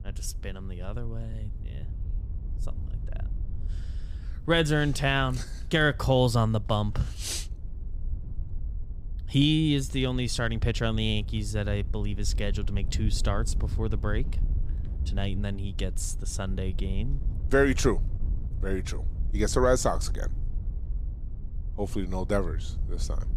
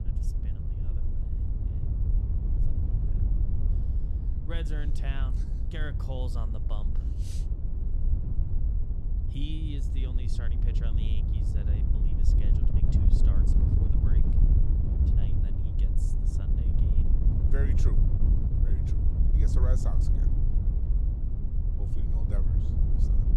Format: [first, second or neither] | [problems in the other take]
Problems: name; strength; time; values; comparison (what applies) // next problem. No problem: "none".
first | wind noise on the microphone; heavy; 1 dB above the speech; occasional gusts in the first